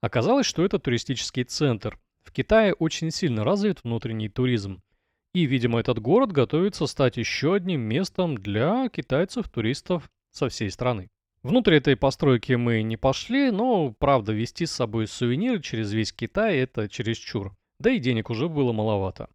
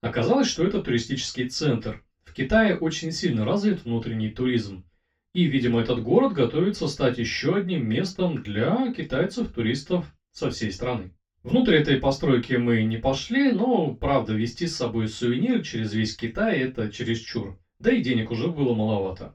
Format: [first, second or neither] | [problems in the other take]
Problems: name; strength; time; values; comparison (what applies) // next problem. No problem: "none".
first | room echo; very slight; dies away in 0.2 s // off-mic speech; far